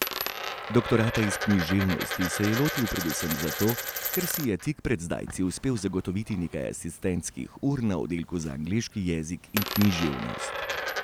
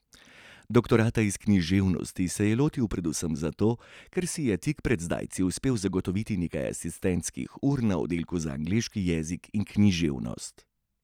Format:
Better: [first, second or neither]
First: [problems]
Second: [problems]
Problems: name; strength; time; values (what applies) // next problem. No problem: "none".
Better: second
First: background sound (Coin (dropping)); 6 dB below the speech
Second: none